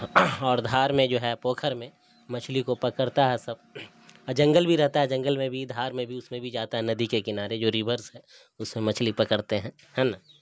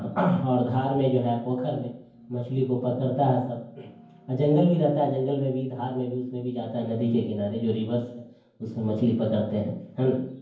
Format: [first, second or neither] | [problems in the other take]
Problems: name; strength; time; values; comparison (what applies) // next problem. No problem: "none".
first | room echo; dies away in 0.9 s